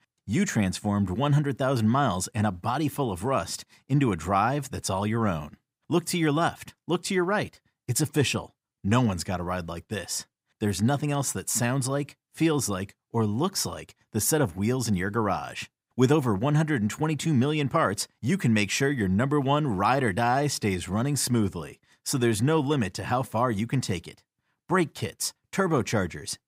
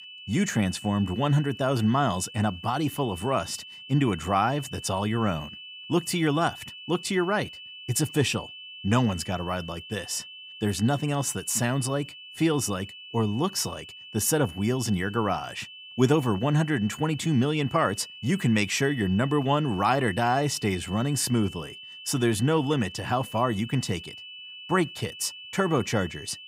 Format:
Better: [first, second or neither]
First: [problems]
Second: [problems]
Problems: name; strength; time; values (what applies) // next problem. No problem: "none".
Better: first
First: none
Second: high-pitched whine; noticeable; throughout; 3 kHz, 15 dB below the speech